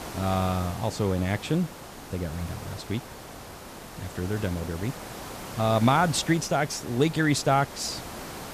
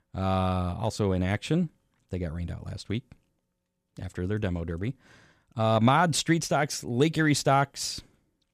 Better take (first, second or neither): second